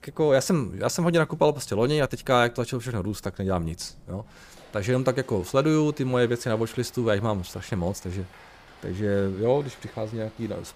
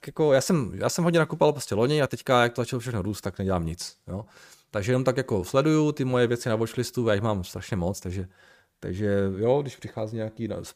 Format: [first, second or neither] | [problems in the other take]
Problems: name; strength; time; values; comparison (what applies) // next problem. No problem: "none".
second | rain or running water; faint; throughout; 25 dB below the speech